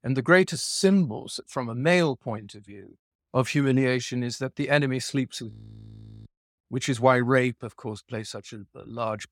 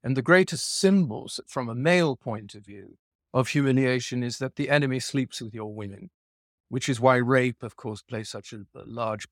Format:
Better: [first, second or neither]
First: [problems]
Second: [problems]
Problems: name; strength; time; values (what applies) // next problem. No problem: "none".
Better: second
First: audio freezing; at 5.5 s for 1 s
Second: none